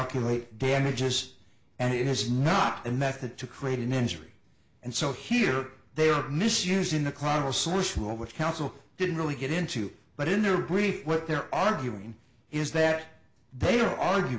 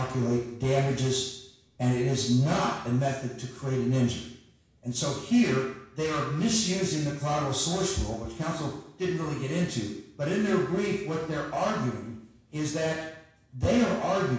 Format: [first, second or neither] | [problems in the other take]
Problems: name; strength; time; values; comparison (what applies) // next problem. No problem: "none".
first | room echo; dies away in 0.7 s